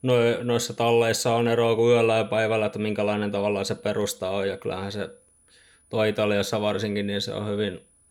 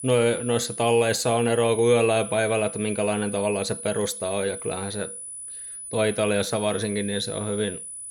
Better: first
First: high-pitched whine; faint; throughout; 10 kHz, 35 dB below the speech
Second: high-pitched whine; loud; throughout; 10 kHz, 10 dB below the speech

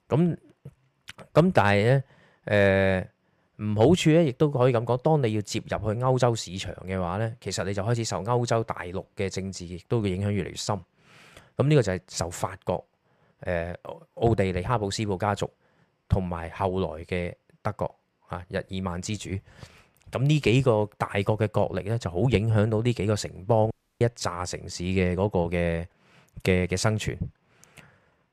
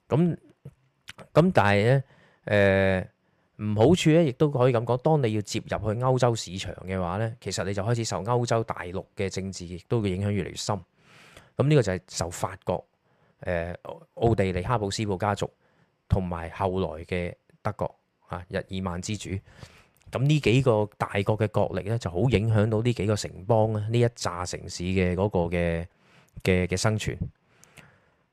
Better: second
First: audio cutting out; at 24 s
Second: none

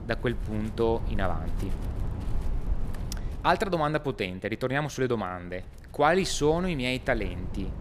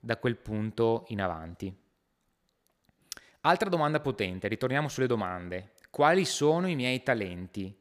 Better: second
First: wind noise on the microphone; occasional gusts; 20 dB below the speech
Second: none

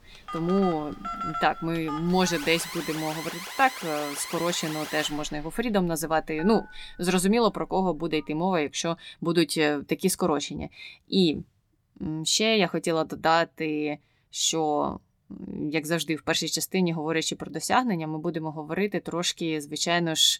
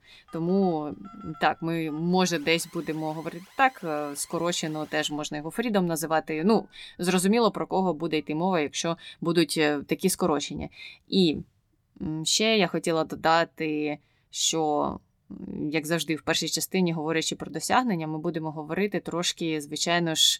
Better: second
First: alarms or sirens; loud; until 8 s; 10 dB below the speech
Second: alarms or sirens; faint; until 8 s; 25 dB below the speech

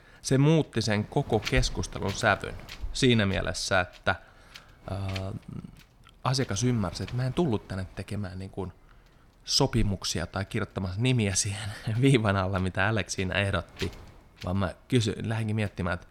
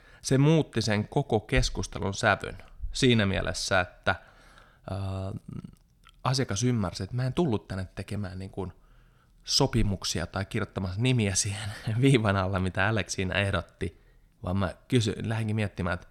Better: second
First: wind noise on the microphone; occasional gusts; 15 dB below the speech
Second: none

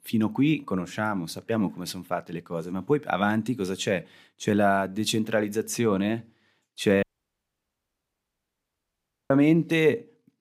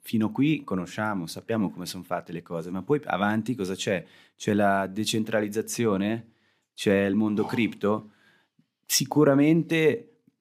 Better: second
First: audio cutting out; at 7 s for 2.5 s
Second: none

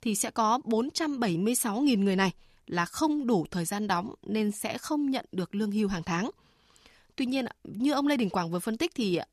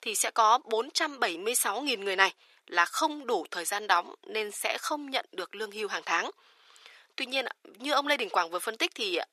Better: first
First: none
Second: thin; very; fading below 400 Hz

